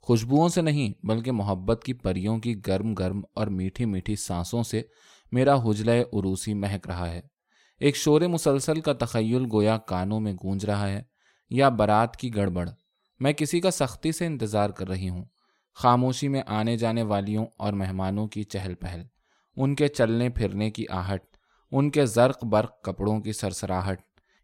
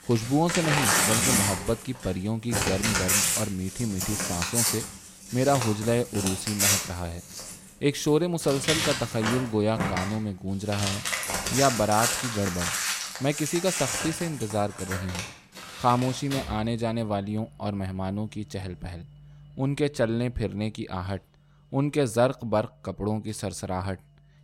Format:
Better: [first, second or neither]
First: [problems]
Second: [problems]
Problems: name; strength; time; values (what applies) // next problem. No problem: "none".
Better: first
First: none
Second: household noises; very loud; throughout; 1 dB above the speech